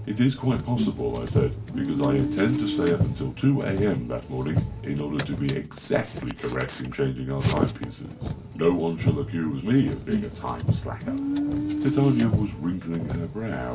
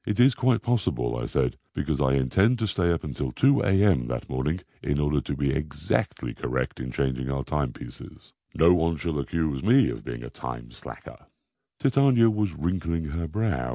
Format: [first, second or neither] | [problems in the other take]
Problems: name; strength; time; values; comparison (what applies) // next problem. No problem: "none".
second | background sound (Car); 3 dB below the speech // room echo; dies away in 0.2 s